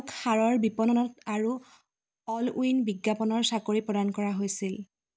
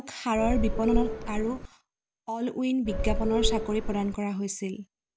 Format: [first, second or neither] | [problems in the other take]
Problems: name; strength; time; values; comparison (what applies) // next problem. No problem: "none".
first | background sound (Subway, metro, underground / Doorbell); 1 dB above the speech